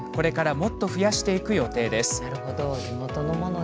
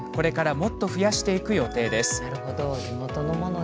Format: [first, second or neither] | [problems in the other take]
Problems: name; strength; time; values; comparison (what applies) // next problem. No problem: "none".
first | background sound (Squeak); 14 dB below the speech